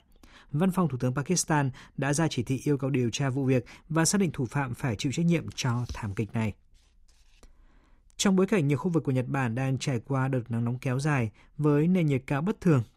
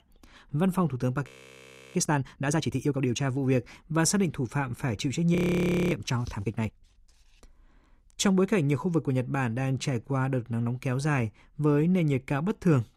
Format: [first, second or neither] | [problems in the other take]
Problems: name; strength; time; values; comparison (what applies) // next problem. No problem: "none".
first | audio freezing; at 1.5 s for 0.5 s and at 5.5 s for 0.5 s